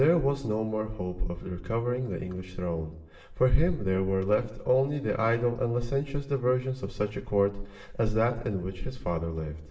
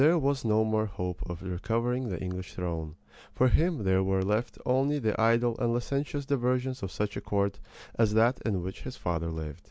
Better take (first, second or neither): second